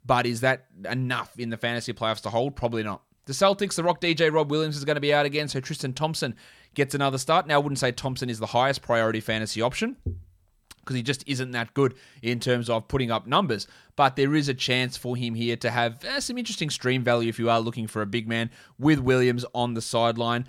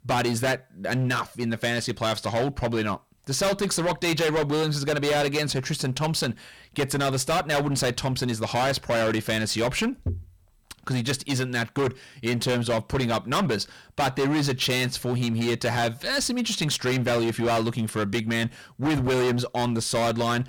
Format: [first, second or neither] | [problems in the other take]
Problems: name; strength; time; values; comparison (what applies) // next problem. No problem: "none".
first | distortion; heavy; 19% of the sound clipped